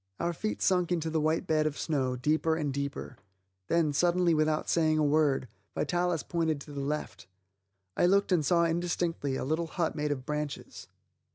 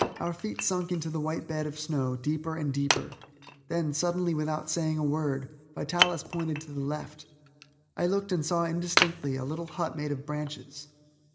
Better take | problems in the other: first | background sound (Wood); 5 dB below the speech // room echo; dies away in 2.3 s

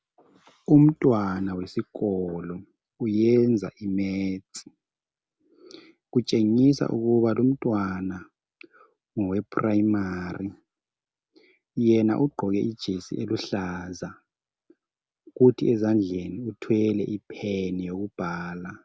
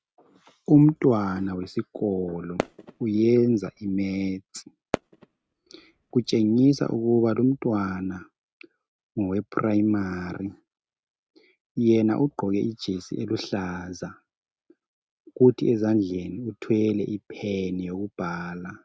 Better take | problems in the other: first | noise reduction (neural mask model RNNoise)

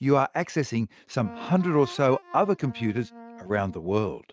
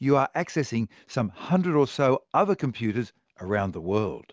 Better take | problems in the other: second | noise reduction (neural mask model RNNoise)

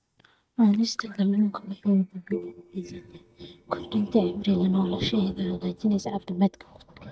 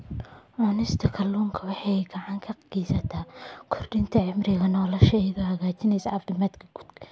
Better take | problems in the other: second | noise reduction (neural mask model DeepFilterNet 3)

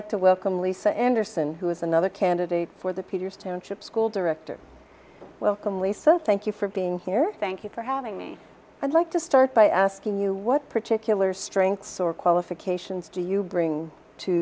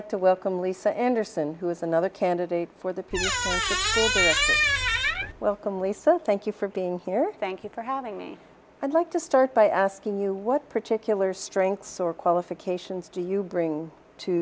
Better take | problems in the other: first | background sound (Squeak); 2 dB above the speech

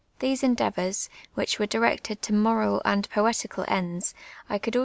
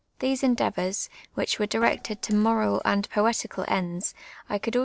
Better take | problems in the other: first | noise reduction (neural separator model SepFormer DNS4)

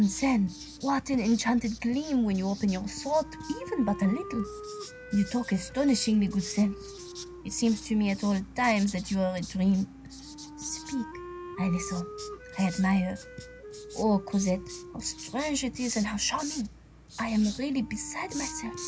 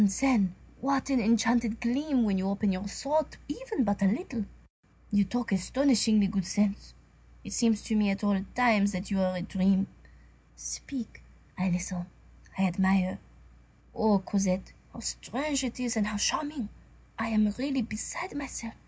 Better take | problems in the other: second | background sound (Writing + Wind instrument, woodwind instrument); 14 dB below the speech

